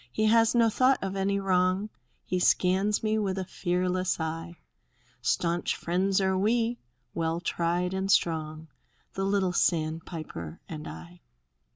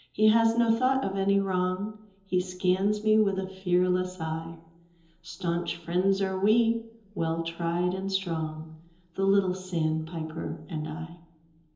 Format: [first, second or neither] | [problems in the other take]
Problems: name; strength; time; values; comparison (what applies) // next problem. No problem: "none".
first | room echo; dies away in 1.2 s